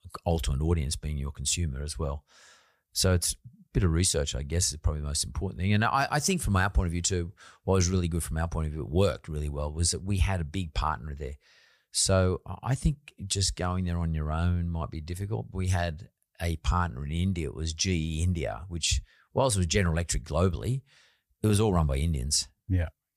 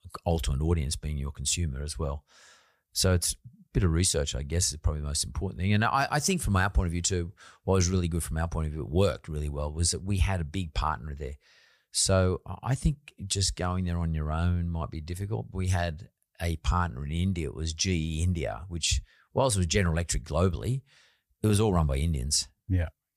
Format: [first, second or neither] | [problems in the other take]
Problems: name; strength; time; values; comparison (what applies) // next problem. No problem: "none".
neither | none